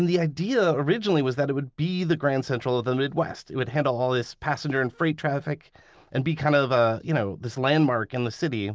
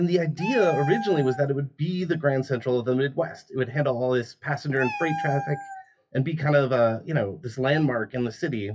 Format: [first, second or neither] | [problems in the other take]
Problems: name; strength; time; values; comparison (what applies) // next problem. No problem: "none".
first | noise reduction (classical method WPE with log-MMSE)